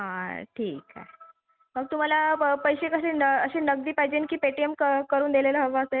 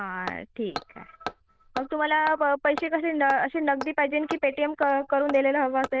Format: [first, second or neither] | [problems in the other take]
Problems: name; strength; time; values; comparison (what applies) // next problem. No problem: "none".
first | noise reduction (neural diffusion model UNIVERSE++)